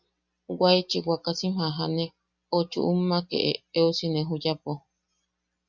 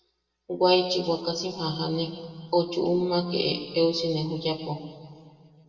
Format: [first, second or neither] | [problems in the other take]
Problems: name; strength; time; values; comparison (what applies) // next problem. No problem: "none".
first | room echo; dies away in 2 s